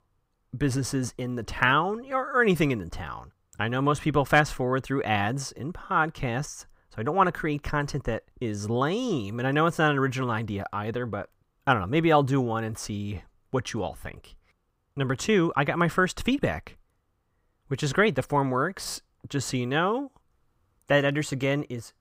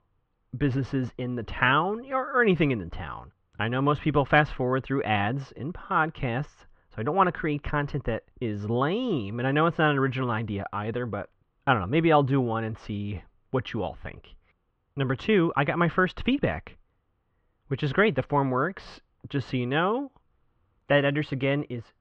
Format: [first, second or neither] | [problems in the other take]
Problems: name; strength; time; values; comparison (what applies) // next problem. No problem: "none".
first | muffled; very; fading above 3 kHz